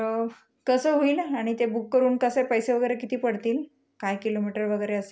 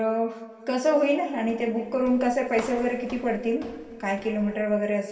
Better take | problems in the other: first | background sound (Walk, footsteps); 20 dB below the speech // room echo; dies away in 2.2 s

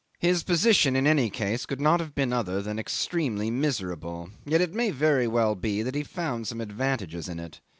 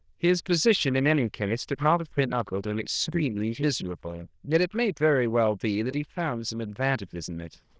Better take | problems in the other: first | noise reduction (neural diffusion model UNIVERSE++)

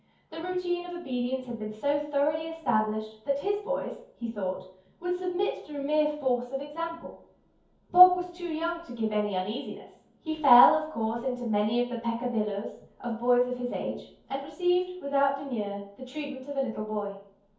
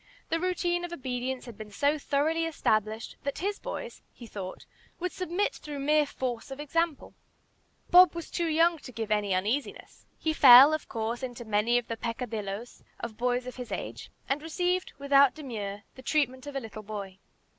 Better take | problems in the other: second | room echo; dies away in 0.6 s

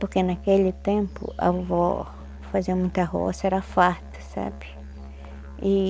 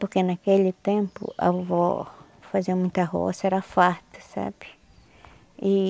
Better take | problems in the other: second | background sound (Musical instrument); 14 dB below the speech

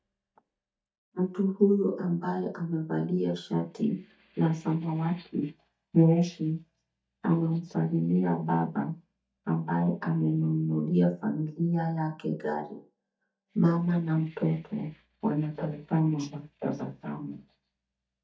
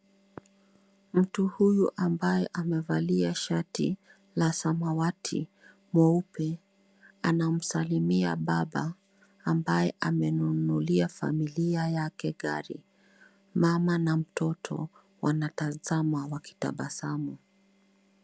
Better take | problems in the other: second | noise reduction (neural mask model DeepFilterNet 3)

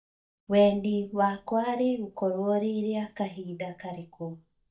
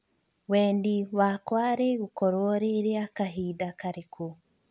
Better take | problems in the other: second | noise reduction (neural mask model DeepFilterNet 3)

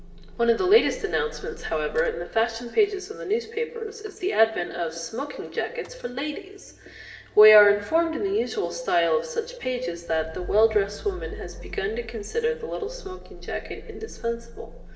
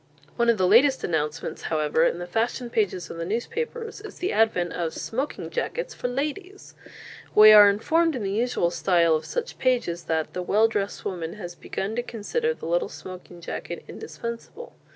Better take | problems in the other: second | background sound (Idling / Engine starting / Motor vehicle (road)); 17 dB below the speech // room echo; dies away in 0.8 s

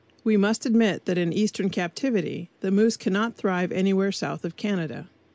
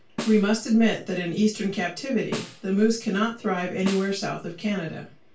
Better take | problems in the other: first | background sound (Snare drum); 15 dB below the speech // room echo; dies away in 0.2 s

